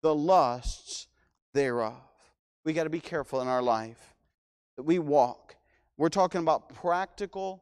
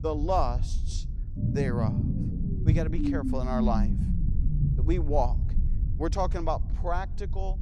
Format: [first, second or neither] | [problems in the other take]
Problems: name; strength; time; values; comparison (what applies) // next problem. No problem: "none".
first | low rumble; loud; throughout; 8 dB below the speech